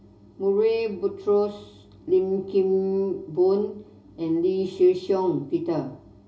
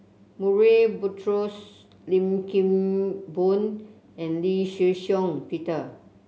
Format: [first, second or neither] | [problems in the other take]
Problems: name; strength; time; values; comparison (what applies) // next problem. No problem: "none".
second | room echo; dies away in 0.2 s